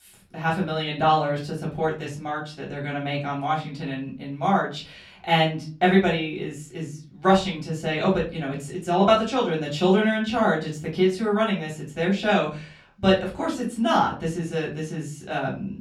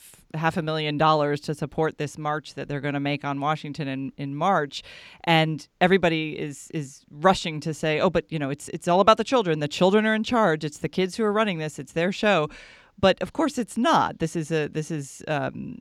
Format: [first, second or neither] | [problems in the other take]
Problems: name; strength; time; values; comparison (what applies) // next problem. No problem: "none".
second | off-mic speech; far // room echo; slight; dies away in 0.3 s